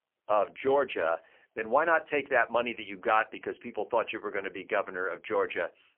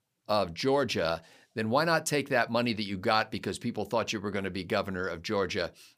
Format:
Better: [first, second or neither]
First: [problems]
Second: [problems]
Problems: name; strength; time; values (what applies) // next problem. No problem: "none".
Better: second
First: phone-call audio; poor line; nothing above 3 kHz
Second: none